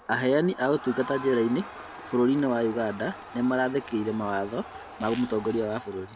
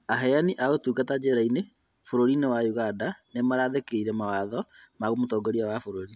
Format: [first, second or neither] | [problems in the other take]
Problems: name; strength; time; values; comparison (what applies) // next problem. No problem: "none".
second | background sound (Zipper (clothing) + Crowd); 15 dB below the speech